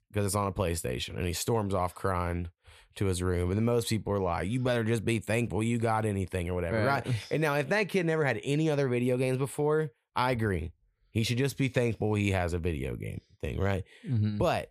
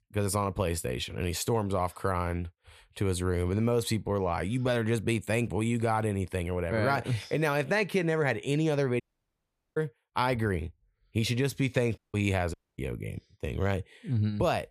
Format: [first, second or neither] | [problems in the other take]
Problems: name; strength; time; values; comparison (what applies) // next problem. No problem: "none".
first | audio cutting out; at 9 s for 1 s, at 12 s and at 13 s